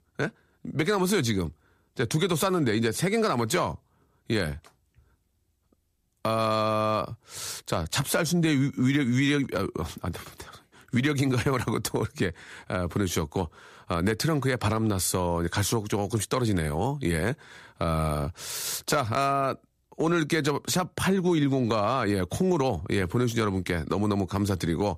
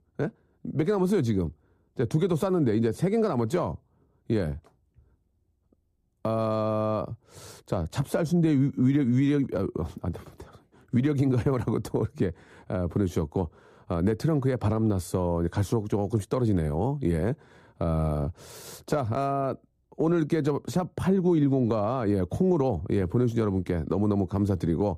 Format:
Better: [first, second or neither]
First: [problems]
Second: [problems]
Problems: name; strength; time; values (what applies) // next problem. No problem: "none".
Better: first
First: none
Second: muffled; slightly; fading above 1 kHz